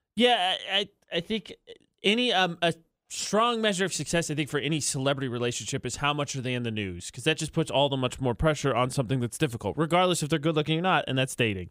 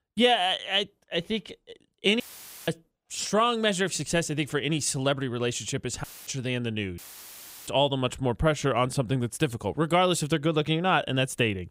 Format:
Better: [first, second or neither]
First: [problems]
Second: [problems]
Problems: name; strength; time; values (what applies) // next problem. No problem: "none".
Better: first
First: none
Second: audio cutting out; filled with static; at 2 s, at 6 s and at 7 s for 0.5 s